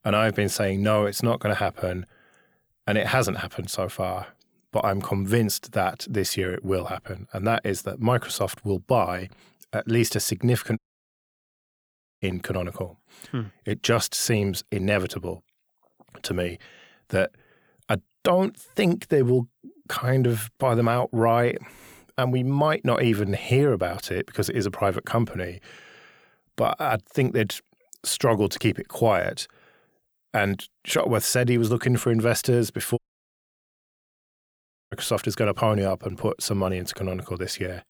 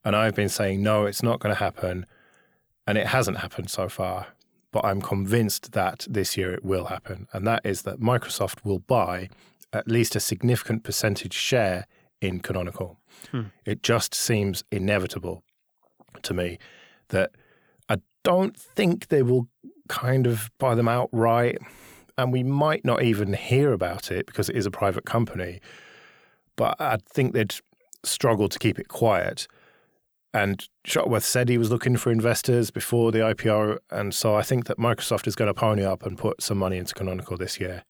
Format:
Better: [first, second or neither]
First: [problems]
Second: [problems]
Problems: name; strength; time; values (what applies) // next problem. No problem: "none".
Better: second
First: audio cutting out; at 11 s for 1.5 s and at 33 s for 2 s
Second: none